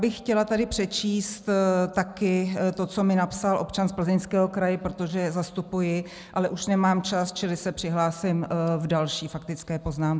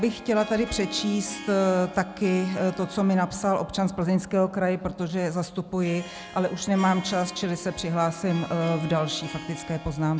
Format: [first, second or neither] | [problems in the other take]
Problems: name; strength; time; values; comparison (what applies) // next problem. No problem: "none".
first | background sound (Harp); 16 dB below the speech